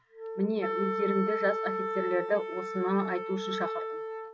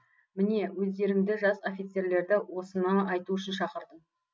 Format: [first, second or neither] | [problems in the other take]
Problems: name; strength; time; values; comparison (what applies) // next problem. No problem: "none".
second | background sound (Wind instrument, woodwind instrument); 3 dB below the speech